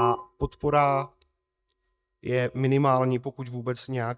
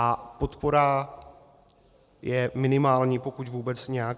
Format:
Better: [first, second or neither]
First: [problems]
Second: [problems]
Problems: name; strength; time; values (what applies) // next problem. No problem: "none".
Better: second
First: noise reduction (neural mask model DeepFilterNet 3)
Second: none